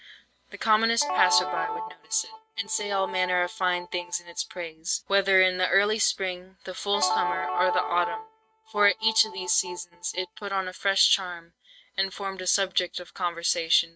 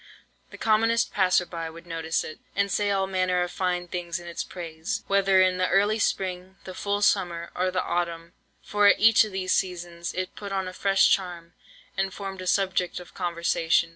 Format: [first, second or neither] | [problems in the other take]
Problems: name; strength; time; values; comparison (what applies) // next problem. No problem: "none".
second | noise reduction (neural mask model RNNoise)